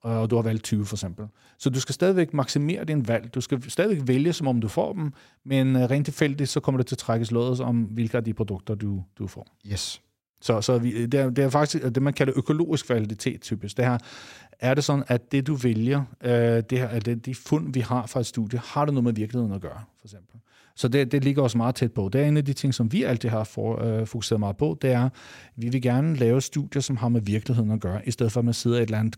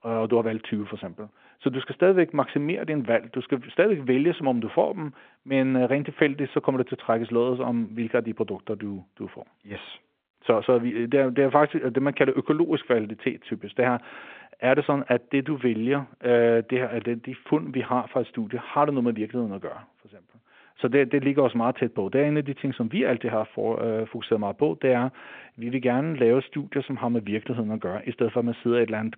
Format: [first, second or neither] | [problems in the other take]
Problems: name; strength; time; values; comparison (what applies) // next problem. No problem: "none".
first | phone-call audio